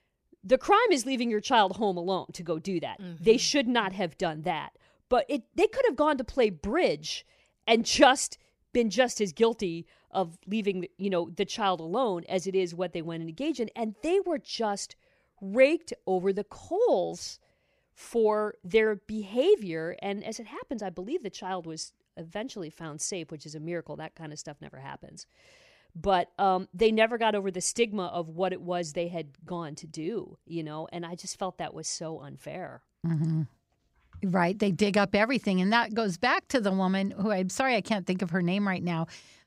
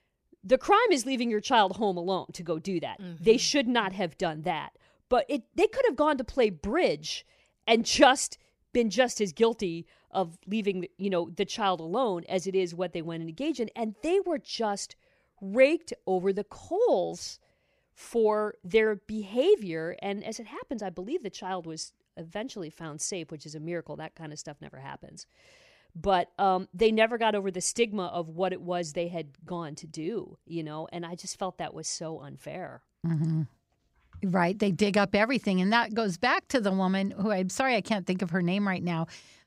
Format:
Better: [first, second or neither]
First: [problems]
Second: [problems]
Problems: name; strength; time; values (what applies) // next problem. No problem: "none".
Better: neither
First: none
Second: none